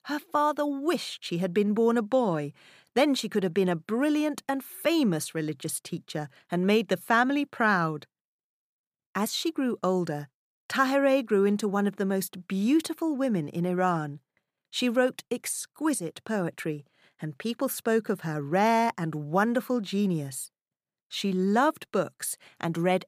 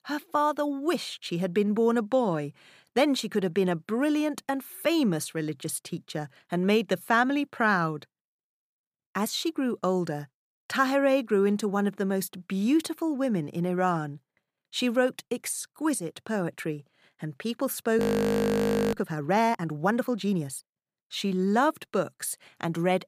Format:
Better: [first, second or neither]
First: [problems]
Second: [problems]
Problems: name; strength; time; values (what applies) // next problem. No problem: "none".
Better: first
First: none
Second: audio freezing; at 18 s for 1 s